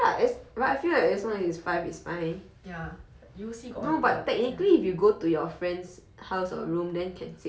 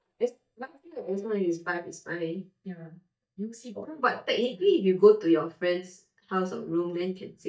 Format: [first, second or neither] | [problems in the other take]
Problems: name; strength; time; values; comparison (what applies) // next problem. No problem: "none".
first | noise reduction (neural mask model DeepFilterNet 3)